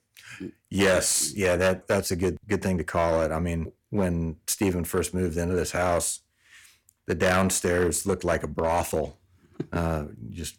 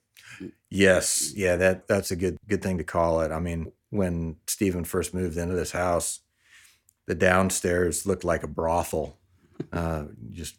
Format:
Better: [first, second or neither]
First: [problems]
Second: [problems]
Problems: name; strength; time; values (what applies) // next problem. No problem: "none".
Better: second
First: distortion; slight; 5% of the sound clipped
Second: none